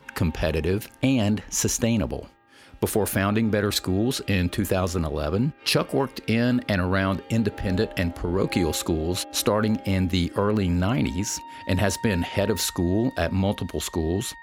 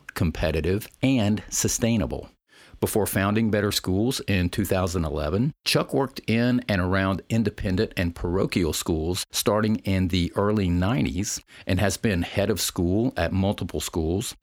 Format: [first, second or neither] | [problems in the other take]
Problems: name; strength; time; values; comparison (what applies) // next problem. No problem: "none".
second | background music; noticeable; throughout; 20 dB below the speech